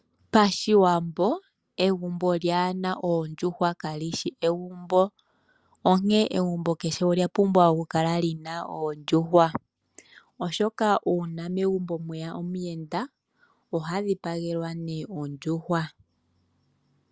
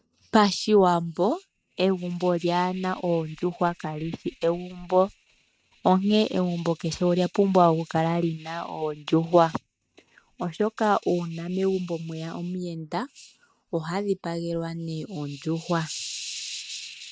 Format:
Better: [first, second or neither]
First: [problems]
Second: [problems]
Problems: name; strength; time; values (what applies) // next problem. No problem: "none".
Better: first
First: none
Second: noise reduction (neural mask model RNNoise)